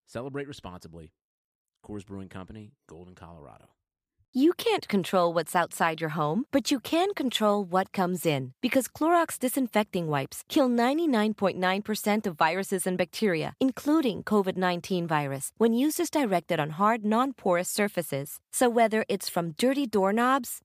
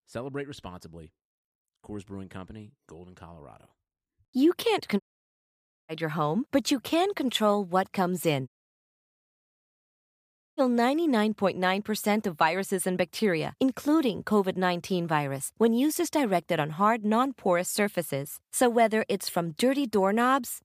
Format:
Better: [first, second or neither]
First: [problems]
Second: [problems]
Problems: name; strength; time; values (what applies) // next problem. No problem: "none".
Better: first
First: none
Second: audio cutting out; at 5 s for 1 s and at 8.5 s for 2 s